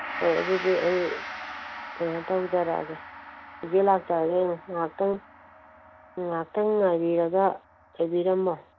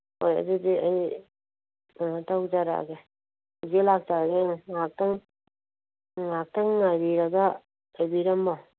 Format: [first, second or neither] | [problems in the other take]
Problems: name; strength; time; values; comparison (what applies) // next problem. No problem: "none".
second | background sound (Gong); 13 dB below the speech